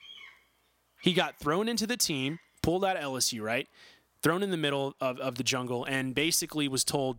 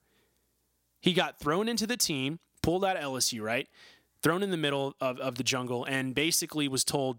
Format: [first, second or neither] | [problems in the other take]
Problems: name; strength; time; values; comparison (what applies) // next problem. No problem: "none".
second | animal sounds; faint; throughout; 20 dB below the speech